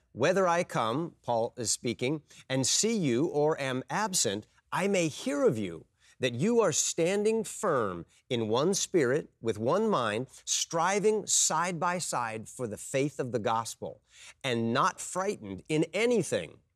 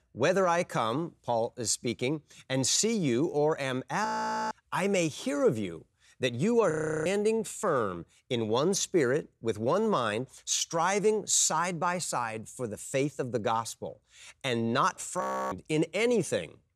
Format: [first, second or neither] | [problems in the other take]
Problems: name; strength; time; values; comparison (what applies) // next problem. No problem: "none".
first | audio freezing; at 4 s, at 6.5 s and at 15 s